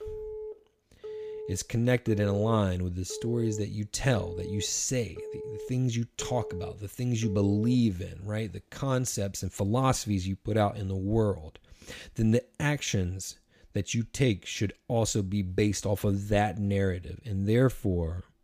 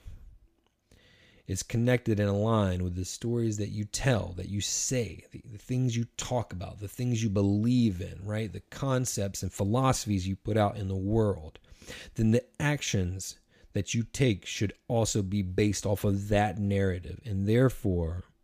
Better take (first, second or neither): second